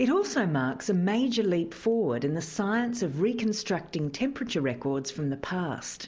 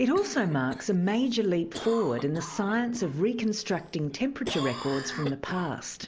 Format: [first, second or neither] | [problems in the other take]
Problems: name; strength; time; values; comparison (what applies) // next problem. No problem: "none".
first | background sound (Cough); 13 dB below the speech